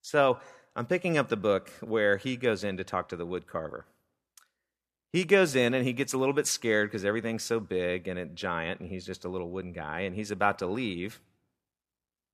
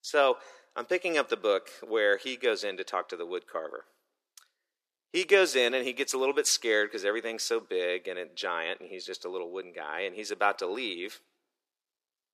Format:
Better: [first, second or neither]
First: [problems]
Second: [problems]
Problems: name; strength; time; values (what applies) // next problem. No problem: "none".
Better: first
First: none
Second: thin; somewhat; fading below 350 Hz